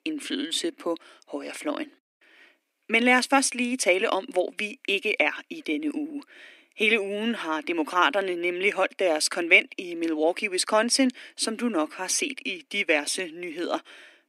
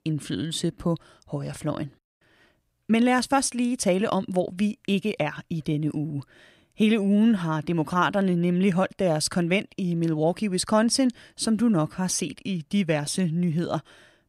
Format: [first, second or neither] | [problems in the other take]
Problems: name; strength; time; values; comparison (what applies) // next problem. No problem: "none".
second | thin; somewhat; fading below 250 Hz